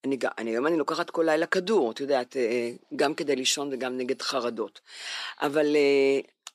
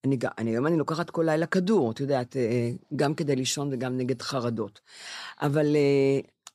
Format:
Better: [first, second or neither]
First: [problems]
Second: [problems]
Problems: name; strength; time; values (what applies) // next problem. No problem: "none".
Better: second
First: thin; very slightly; fading below 300 Hz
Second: none